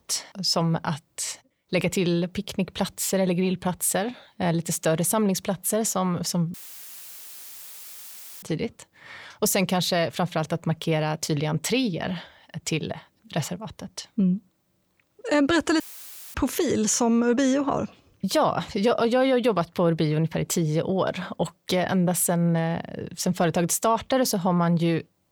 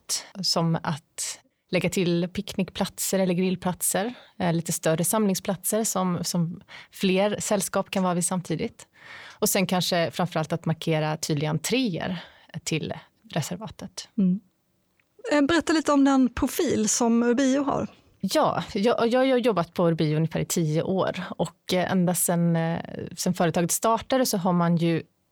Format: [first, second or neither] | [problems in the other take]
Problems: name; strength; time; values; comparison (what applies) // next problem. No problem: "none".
second | audio cutting out; filled with static; at 6.5 s for 2 s and at 16 s for 0.5 s